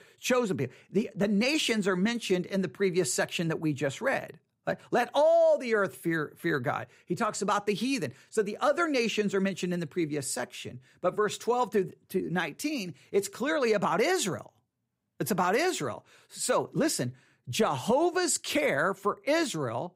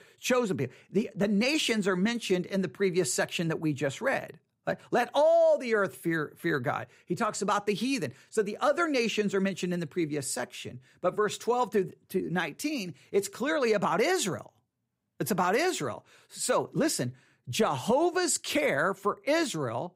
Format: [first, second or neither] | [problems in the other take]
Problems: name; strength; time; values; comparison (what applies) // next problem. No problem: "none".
neither | none